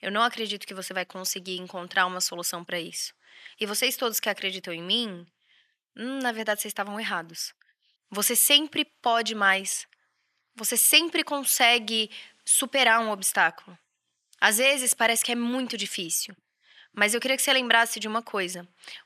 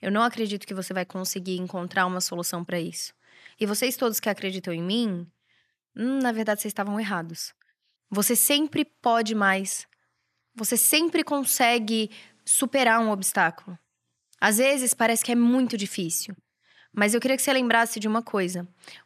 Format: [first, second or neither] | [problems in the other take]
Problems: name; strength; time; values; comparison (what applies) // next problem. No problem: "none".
second | thin; very slightly; fading below 1 kHz